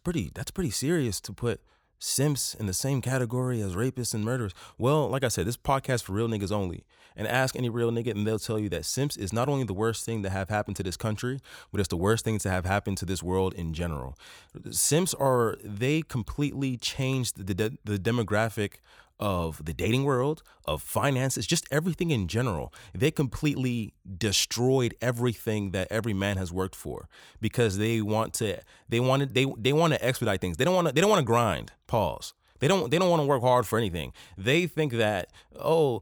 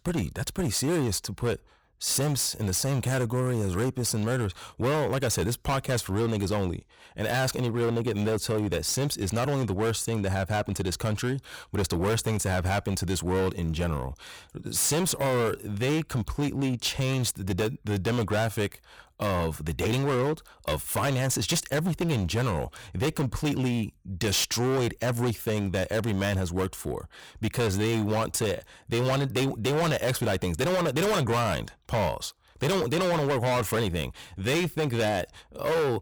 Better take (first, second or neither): first